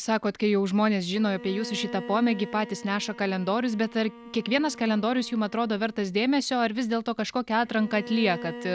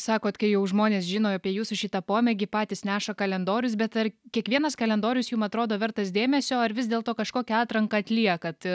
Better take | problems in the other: second | background sound (Bowed string instrument); 16 dB below the speech

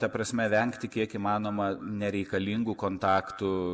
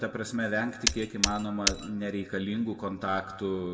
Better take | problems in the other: first | background sound (Shatter); 1 dB above the speech // room echo; dies away in 1 s

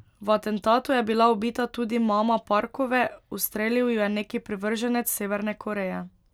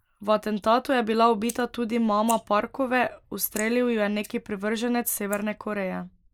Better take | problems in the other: first | noise reduction (neural mask model Resemble Enhance denoiser)

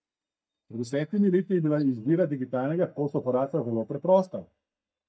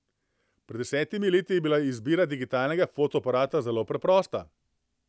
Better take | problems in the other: second | noise reduction (neural mask model DeepFilterNet 3)

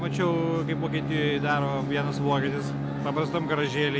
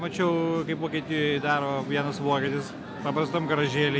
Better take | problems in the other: second | background sound (Bowed string instrument); 3 dB below the speech

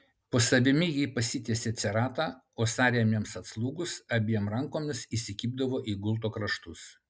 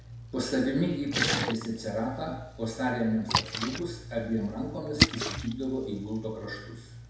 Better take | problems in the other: first | background sound (Splash, splatter); 2 dB below the speech // room echo; dies away in 0.7 s

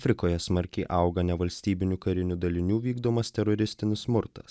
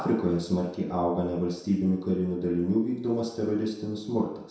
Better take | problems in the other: first | room echo; dies away in 0.7 s

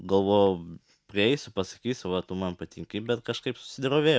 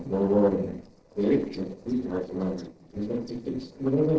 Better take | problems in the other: first | noise reduction (neural separator model SepFormer DNS4)

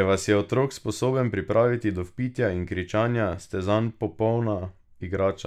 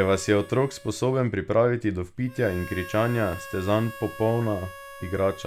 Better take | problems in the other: first | background sound (Harmonica); 17 dB below the speech

